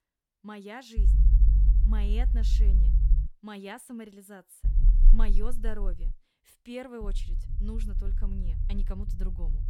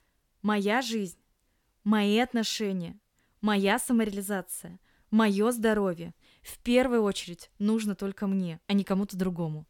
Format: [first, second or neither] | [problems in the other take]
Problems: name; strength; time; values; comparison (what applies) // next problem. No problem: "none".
second | low rumble; loud; from 1 to 3.5 s, from 4.5 to 6 s and from 7 s on; 6 dB below the speech